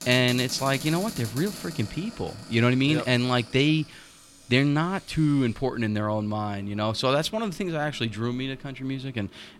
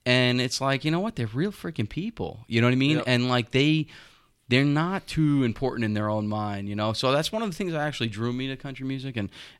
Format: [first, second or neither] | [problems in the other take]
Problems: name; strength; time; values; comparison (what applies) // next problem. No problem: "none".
second | household noises; noticeable; throughout; 15 dB below the speech